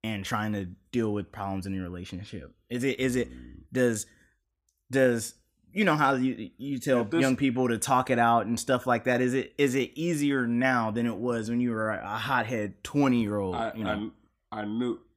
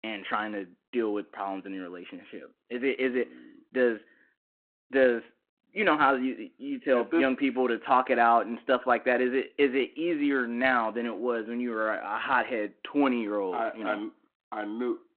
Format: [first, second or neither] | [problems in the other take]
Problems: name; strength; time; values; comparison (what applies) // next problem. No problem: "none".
first | phone-call audio